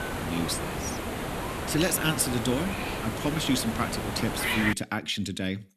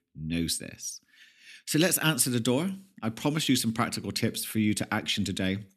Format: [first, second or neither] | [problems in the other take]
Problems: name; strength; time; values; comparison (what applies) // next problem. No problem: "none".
second | hiss; loud; until 4.5 s; 3 dB below the speech